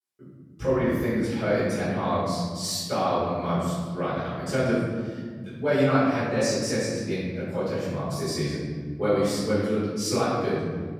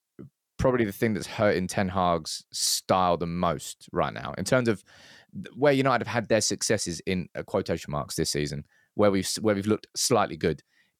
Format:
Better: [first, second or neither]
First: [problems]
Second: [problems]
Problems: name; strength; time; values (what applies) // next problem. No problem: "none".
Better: second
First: off-mic speech; far // room echo; strong; dies away in 2.1 s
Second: none